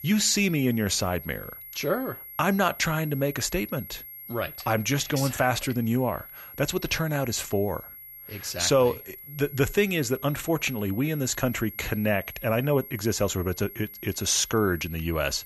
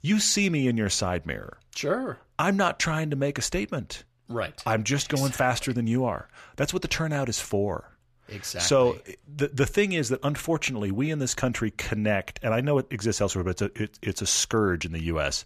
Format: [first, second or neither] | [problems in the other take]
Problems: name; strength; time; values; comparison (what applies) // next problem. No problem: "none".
second | high-pitched whine; noticeable; throughout; 11.5 kHz, 15 dB below the speech